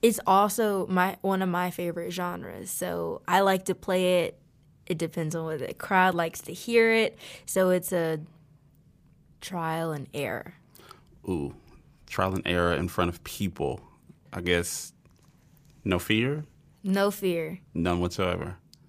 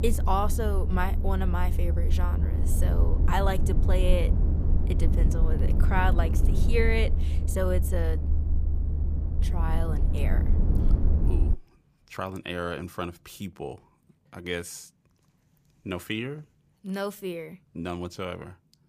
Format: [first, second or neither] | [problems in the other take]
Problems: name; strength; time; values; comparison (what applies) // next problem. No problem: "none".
first | low rumble; loud; until 12 s; 8 dB below the speech